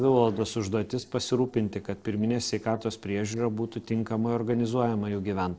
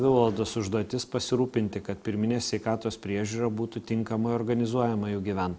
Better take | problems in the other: second | noise reduction (neural separator model SepFormer DNS4)

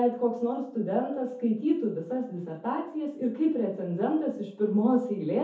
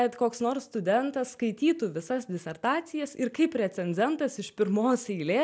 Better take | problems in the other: second | room echo; dies away in 0.5 s

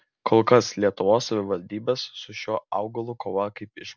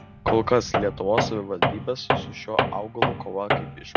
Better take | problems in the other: first | background sound (Tools); 1 dB above the speech

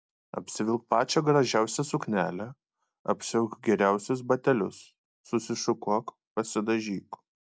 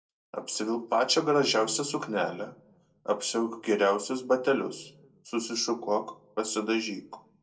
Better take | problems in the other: first | room echo; dies away in 0.2 s

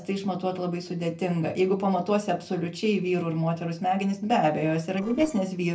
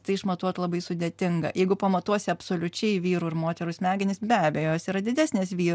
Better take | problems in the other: second | noise reduction (neural separator model SepFormer DNS4)

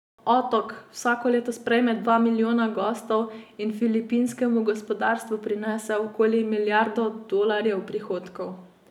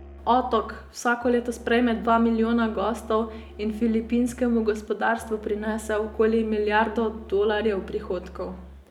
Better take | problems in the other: first | background sound (Musical instrument); 18 dB below the speech

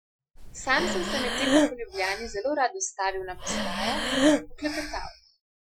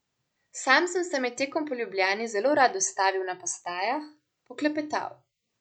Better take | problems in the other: second | noise reduction (classical method Wiener filter)

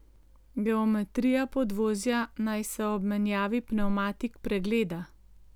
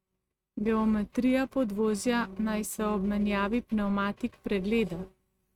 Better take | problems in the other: first | noise reduction (neural mask model RNNoise)

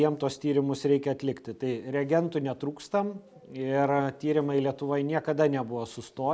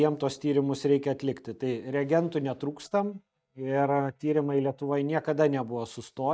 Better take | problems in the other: first | noise reduction (neural mask model DeepFilterNet 3)

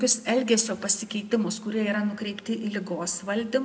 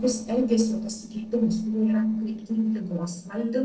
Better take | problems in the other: first | noise reduction (neural separator model SepFormer DNS4)

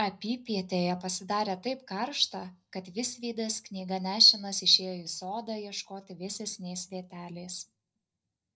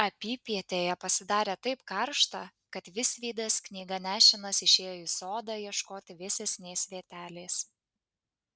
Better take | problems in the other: second | room echo; dies away in 0.5 s

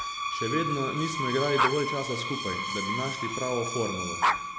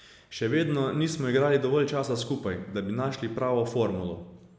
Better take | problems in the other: second | background sound (Dog + Screech); 1 dB above the speech

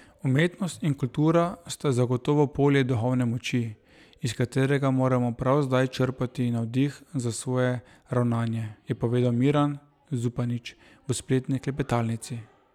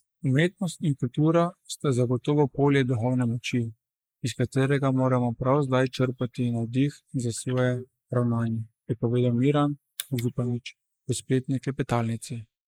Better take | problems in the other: first | noise reduction (neural mask model Resemble Enhance denoiser)

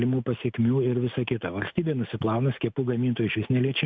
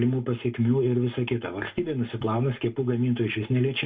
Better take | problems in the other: first | room echo; dies away in 0.2 s

